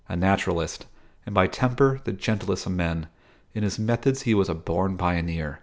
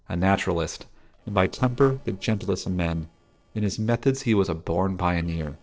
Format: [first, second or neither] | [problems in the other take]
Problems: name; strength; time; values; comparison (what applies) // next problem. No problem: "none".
first | noise reduction (neural separator model SepFormer DNS4)